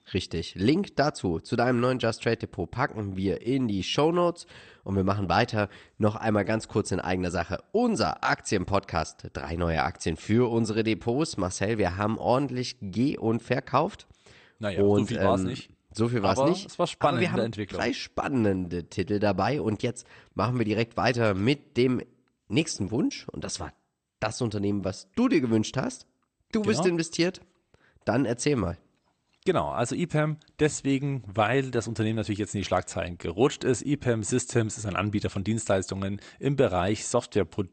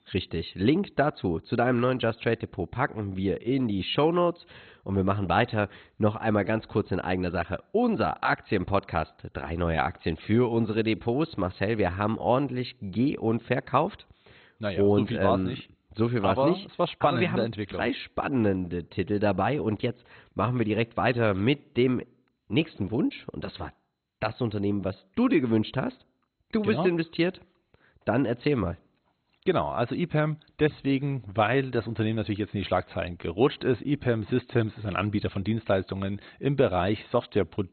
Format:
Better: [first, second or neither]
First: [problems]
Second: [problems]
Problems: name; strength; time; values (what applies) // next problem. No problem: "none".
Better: first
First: garbled, watery; slightly; nothing above 8.5 kHz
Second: garbled, watery; badly; nothing above 4 kHz